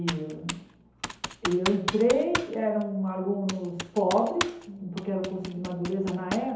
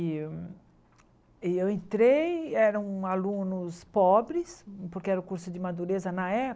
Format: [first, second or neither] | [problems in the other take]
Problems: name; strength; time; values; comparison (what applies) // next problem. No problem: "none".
second | background sound (Computer keyboard); 9 dB below the speech // room echo; dies away in 2.2 s